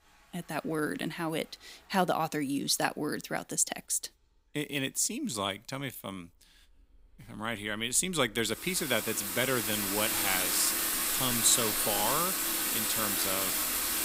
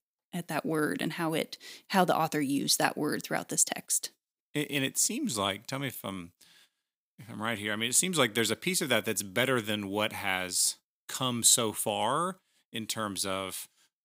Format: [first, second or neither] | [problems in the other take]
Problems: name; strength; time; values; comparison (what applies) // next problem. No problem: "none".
second | household noises; very loud; throughout; 2 dB above the speech